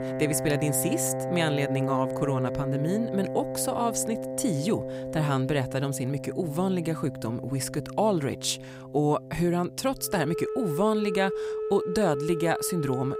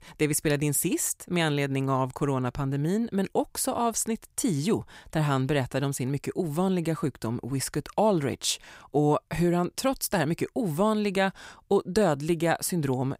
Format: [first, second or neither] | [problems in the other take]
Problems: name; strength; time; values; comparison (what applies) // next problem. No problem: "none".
second | background music; loud; throughout; 5 dB below the speech